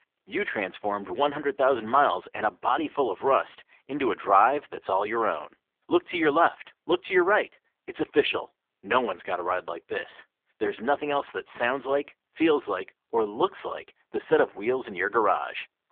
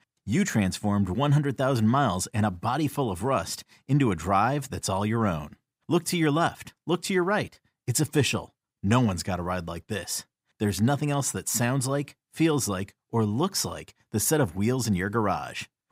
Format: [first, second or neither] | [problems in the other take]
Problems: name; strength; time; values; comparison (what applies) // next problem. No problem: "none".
second | phone-call audio; poor line; nothing above 3.5 kHz